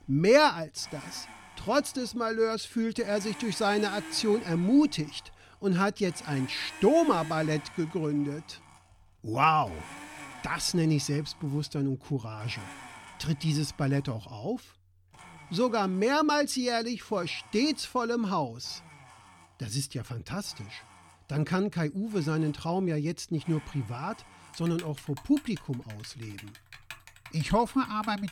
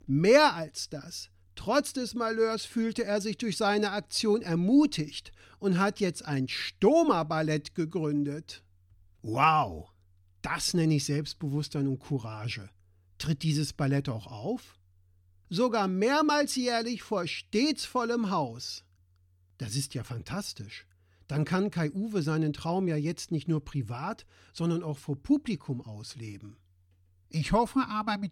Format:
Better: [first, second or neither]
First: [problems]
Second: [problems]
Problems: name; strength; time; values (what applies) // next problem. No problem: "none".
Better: second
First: household noises; noticeable; throughout; 20 dB below the speech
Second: none